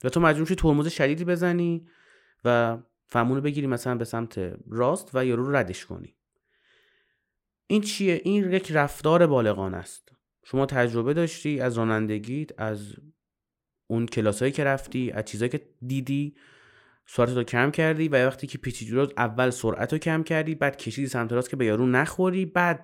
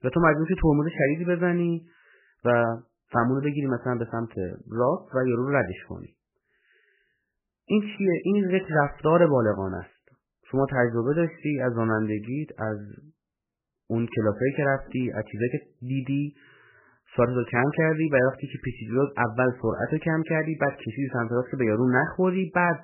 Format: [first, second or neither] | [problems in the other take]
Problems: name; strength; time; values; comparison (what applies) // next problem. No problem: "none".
first | garbled, watery; badly; nothing above 3 kHz